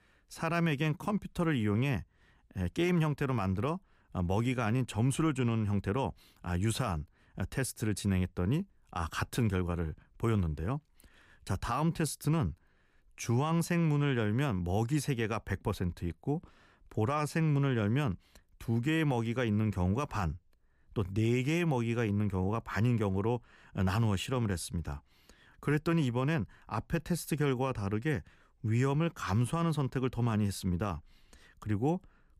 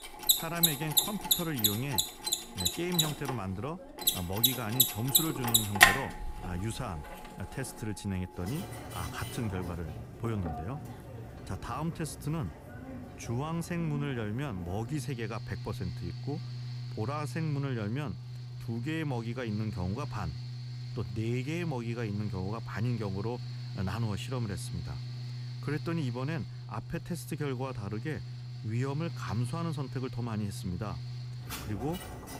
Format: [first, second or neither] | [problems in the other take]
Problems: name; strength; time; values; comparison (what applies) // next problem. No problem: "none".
first | machinery noise; very loud; throughout; 4 dB above the speech